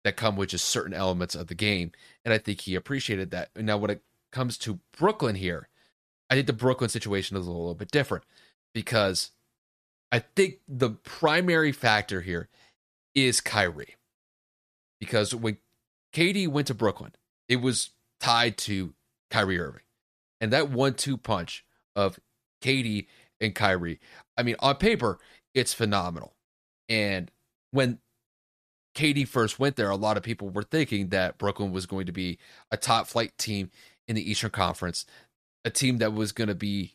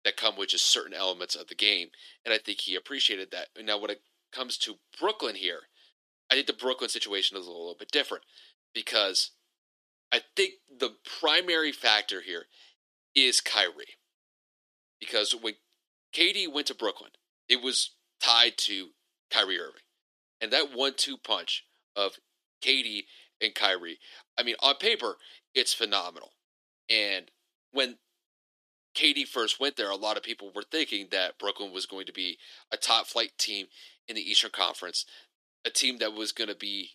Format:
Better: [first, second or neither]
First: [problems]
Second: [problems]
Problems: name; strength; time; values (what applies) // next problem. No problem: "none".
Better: first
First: none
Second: thin; somewhat; fading below 300 Hz